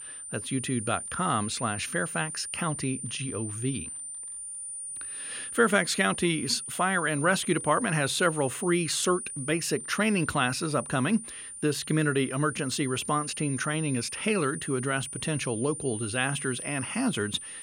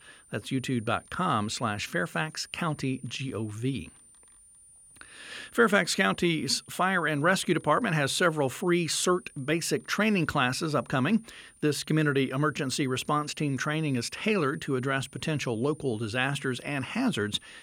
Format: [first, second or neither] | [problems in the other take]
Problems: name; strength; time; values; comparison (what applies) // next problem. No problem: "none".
second | high-pitched whine; loud; throughout; 9.5 kHz, 7 dB below the speech; faint in the second